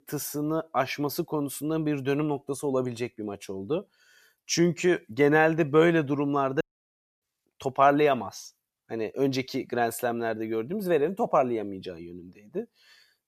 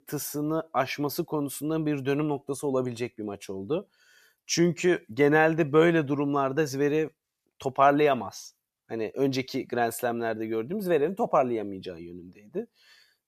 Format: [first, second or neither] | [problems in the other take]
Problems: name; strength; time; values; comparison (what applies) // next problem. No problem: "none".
second | audio cutting out; at 6.5 s for 0.5 s